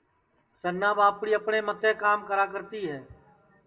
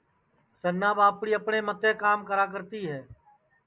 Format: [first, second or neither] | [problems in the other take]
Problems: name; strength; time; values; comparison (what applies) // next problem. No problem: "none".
second | room echo; dies away in 0.5 s